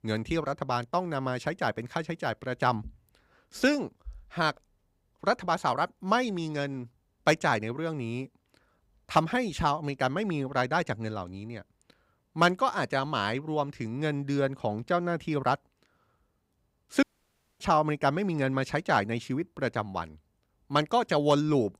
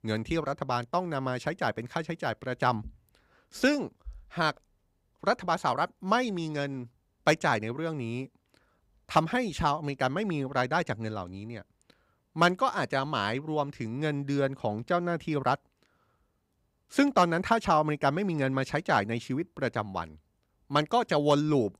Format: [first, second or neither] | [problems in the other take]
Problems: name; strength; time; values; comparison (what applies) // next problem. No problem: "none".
second | audio cutting out; at 17 s for 0.5 s